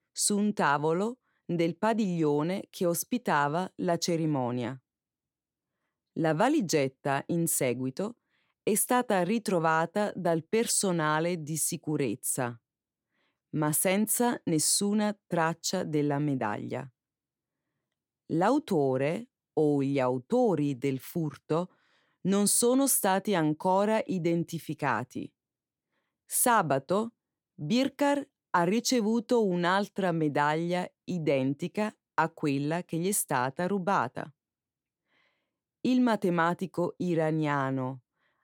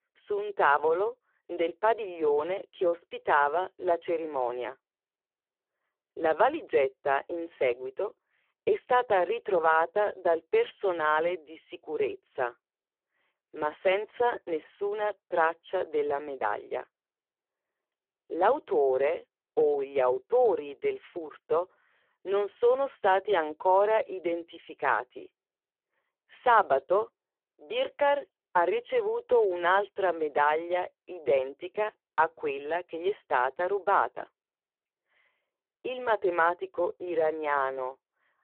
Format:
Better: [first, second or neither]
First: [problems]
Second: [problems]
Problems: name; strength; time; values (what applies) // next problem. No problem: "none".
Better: first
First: none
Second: phone-call audio; poor line